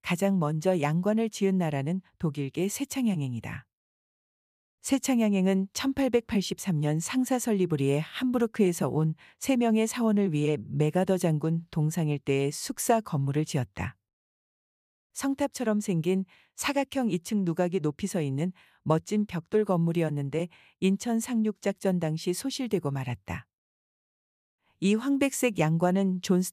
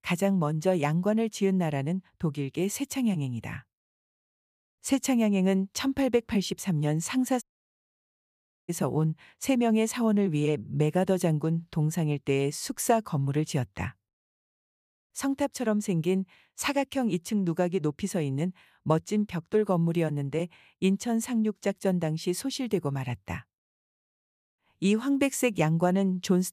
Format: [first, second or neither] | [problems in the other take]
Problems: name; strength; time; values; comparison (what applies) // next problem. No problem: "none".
first | audio cutting out; at 7.5 s for 1.5 s